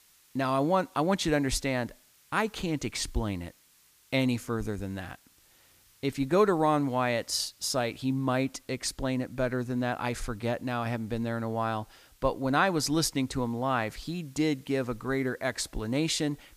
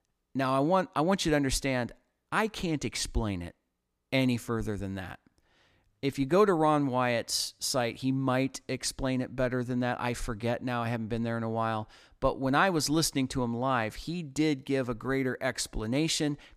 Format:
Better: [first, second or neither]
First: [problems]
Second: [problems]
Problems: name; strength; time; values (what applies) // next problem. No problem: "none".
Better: second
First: hiss; faint; throughout; 30 dB below the speech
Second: none